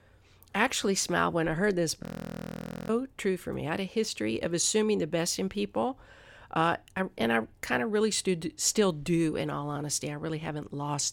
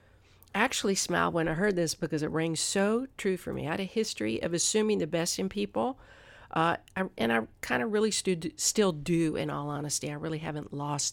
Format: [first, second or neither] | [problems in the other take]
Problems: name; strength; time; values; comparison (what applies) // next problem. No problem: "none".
second | audio freezing; at 2 s for 1 s